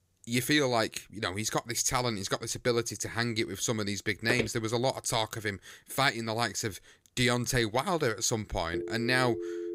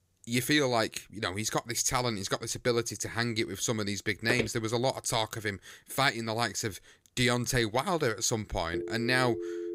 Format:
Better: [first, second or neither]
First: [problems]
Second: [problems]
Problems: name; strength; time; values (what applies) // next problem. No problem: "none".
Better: neither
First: footsteps; noticeable; at 4.5 s; peak 4 dB below the speech // phone ringing; noticeable; from 8.5 s on; peak 6 dB below the speech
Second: footsteps; noticeable; at 4.5 s; peak 4 dB below the speech // phone ringing; noticeable; from 8.5 s on; peak 6 dB below the speech